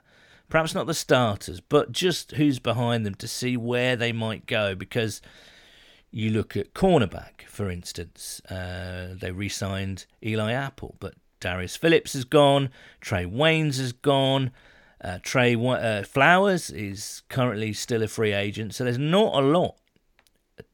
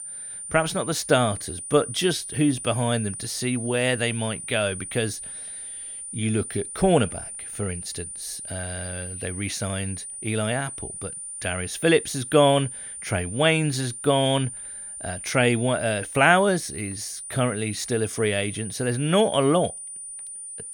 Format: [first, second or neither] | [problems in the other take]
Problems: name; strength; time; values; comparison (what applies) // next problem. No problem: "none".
first | high-pitched whine; loud; throughout; 9.5 kHz, 9 dB below the speech